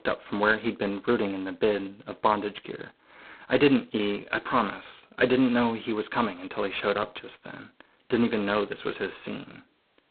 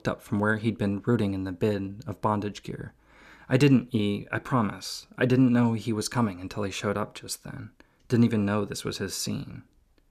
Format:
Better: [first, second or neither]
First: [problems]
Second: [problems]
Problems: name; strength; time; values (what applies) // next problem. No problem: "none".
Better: second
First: phone-call audio; poor line; nothing above 4 kHz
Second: none